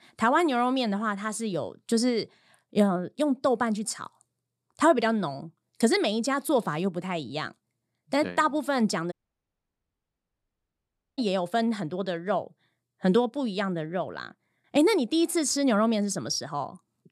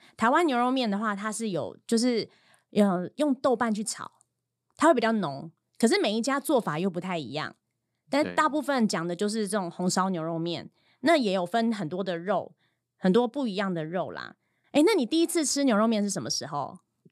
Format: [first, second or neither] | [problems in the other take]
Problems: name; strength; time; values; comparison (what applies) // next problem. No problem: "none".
second | audio cutting out; at 9 s for 2 s